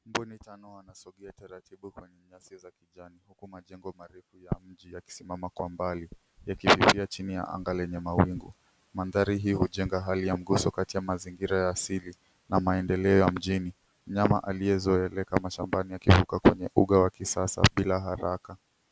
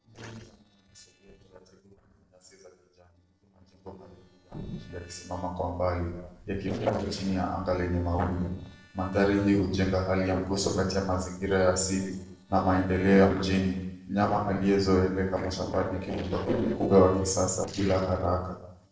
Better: first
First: none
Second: noise reduction (neural separator model SepFormer DNS4)

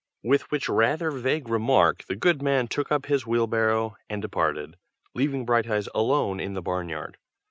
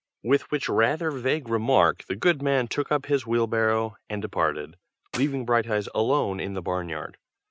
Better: first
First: none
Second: noise reduction (neural mask model RNNoise)

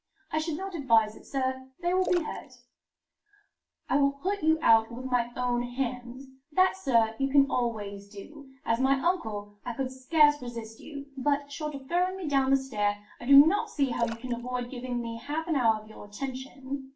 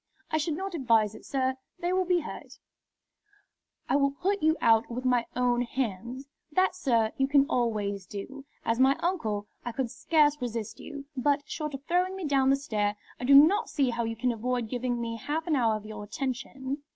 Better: second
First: background sound (Splash, splatter); 16 dB below the speech // room echo; dies away in 0.3 s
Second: none

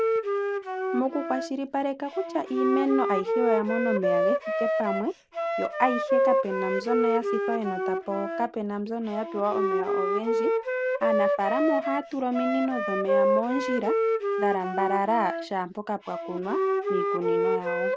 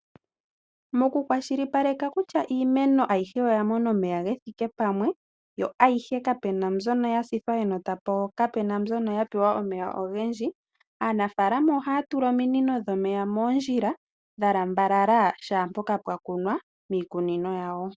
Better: second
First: background sound (Wind instrument, woodwind instrument); 2 dB above the speech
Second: none

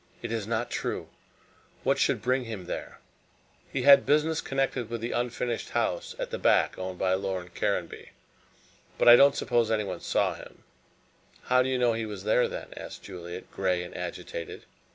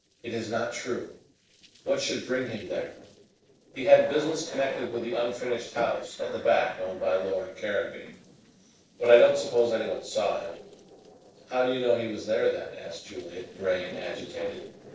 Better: first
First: none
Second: noise reduction (neural separator model SepFormer DNS4)

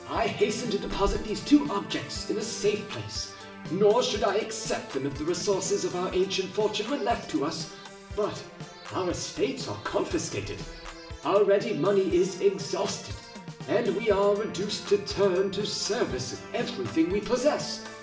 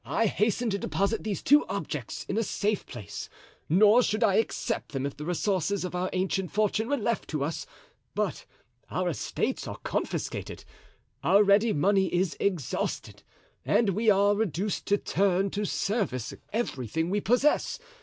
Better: second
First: background sound (Organ); 14 dB below the speech // room echo; dies away in 0.6 s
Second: none

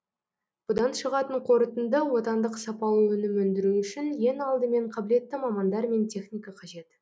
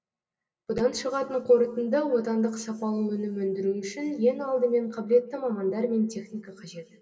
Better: first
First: none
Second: room echo; dies away in 2.4 s

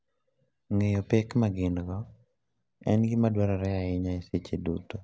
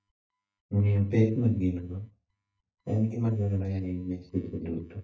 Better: first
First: none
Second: noise reduction (neural mask model DeepFilterNet 3)

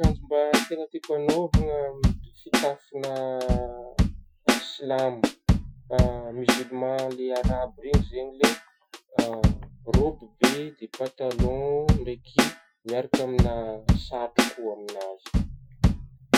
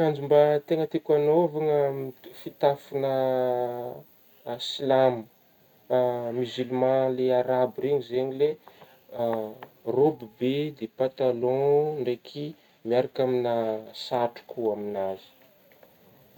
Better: second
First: noise reduction (classical method Wiener filter)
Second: none

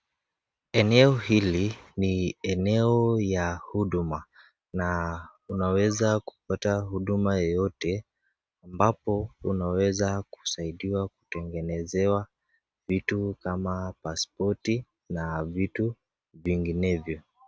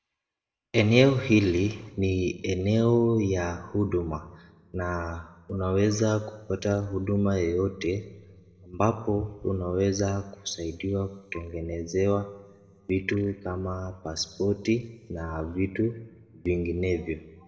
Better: first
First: none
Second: room echo; dies away in 1.1 s

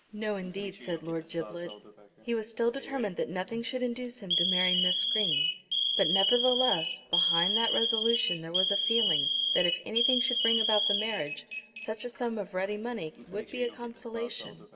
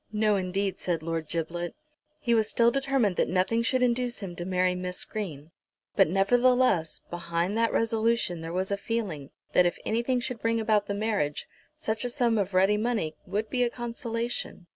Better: second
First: background sound (Alarm); 2 dB above the speech // room echo; dies away in 2.4 s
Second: none

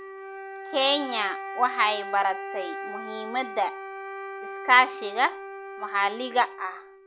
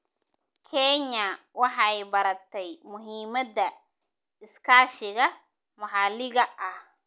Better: second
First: background sound (Wind instrument, woodwind instrument); 10 dB below the speech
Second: none

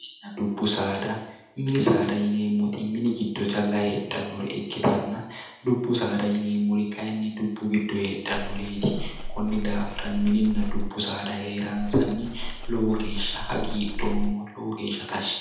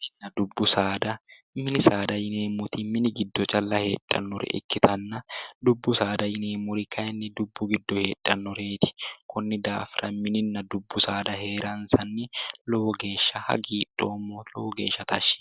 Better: second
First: background sound (Livestock, farm animals, working animals); 2 dB below the speech // room echo; dies away in 0.8 s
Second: none

